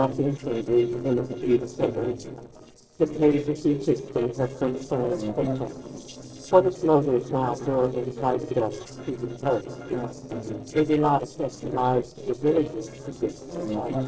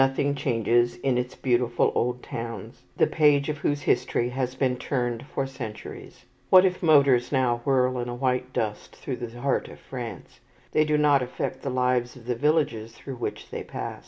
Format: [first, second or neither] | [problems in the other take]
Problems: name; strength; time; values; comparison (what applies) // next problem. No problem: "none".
second | noise reduction (neural separator model SepFormer DNS4)